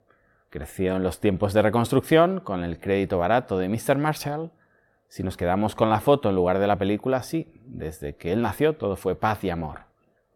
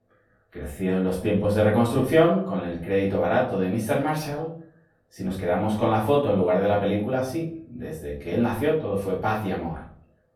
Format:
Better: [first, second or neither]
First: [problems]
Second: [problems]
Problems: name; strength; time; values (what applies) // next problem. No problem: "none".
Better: first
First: none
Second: room echo; slight; dies away in 0.4 s // off-mic speech; far